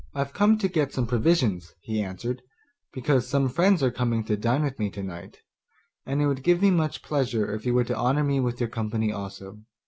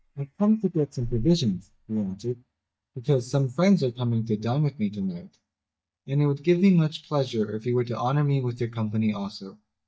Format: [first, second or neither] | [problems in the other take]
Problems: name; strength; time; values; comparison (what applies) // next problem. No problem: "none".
first | noise reduction (neural mask model DeepFilterNet 3)